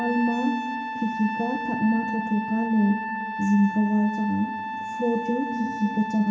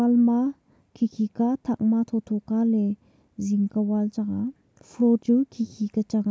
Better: second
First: background sound (Trumpet); 6 dB below the speech // room echo; dies away in 2.1 s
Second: none

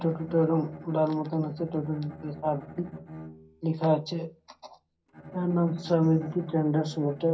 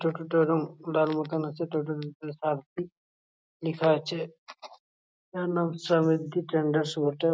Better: second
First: background sound (Bowed string instrument); 17 dB below the speech // room echo; dies away in 0.3 s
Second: none

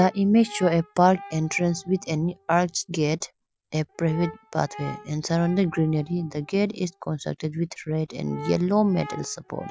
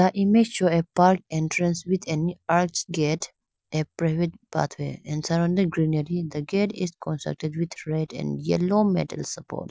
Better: second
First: background sound (Brass instrument); 19 dB below the speech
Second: none

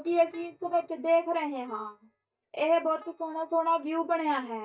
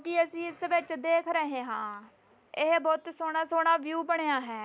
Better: second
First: noise reduction (neural mask model DeepFilterNet 3)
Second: none

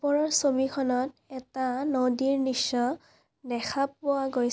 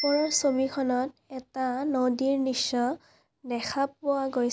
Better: first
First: none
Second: background sound (Bicycle bell); 18 dB below the speech

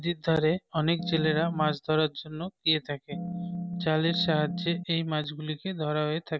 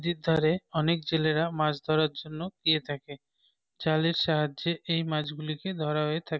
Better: second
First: background sound (Organ); 5 dB below the speech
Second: none

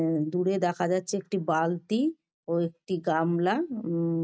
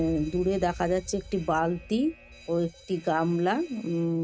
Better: first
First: none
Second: background sound (Alarm); 18 dB below the speech

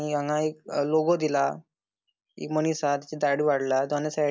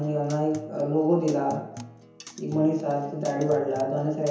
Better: first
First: none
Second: background sound (Acoustic guitar); 18 dB below the speech // room echo; dies away in 1 s

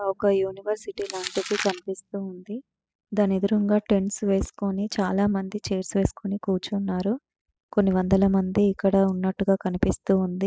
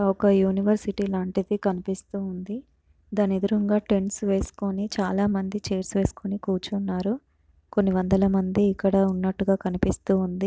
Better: second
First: noise reduction (classical method spectral subtraction)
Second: none

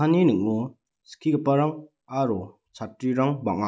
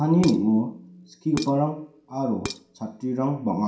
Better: first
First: none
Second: background sound (Dishes, pots, and pans); 15 dB below the speech // room echo; dies away in 0.5 s

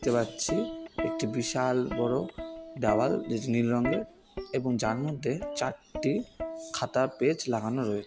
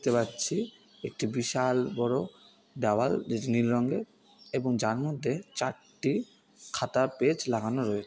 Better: second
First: background sound (Plucked string instrument); 8 dB below the speech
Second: none

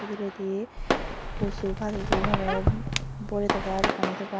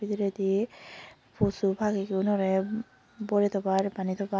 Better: second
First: background sound (Fireworks + Squeak); 3 dB above the speech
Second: none

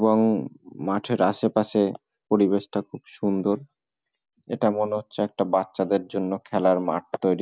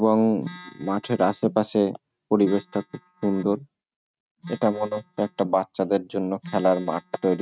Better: first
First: none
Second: noise reduction (neural mask model RNNoise)

